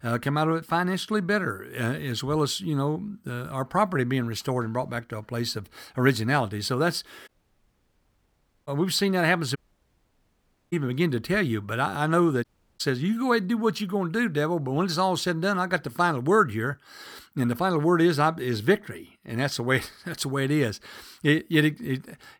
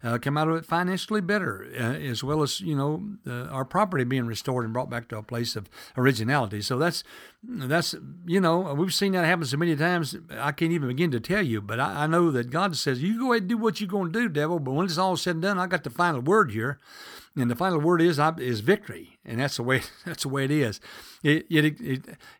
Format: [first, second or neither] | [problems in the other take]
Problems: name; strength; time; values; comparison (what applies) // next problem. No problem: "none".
second | audio cutting out; at 7.5 s for 1.5 s, at 9.5 s for 1 s and at 12 s